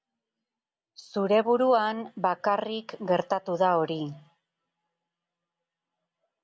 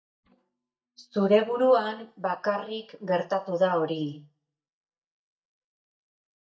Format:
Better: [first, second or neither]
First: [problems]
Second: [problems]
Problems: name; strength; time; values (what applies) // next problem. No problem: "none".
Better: first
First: none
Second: noise reduction (neural mask model DeepFilterNet 3)